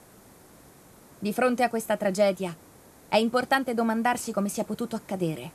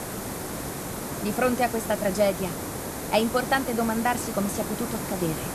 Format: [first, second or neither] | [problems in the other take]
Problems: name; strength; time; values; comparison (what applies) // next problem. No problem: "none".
first | hiss; loud; throughout; 6 dB below the speech; faint in the first